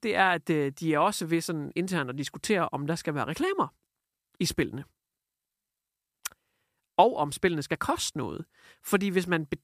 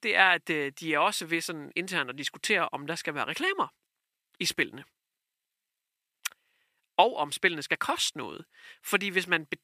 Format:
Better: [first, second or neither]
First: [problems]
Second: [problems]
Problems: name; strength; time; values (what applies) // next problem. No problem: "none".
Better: first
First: none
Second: thin; somewhat; fading below 500 Hz